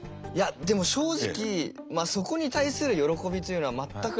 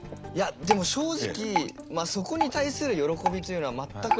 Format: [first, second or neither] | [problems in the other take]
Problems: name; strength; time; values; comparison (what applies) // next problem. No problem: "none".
first | background sound (Drip); 4 dB below the speech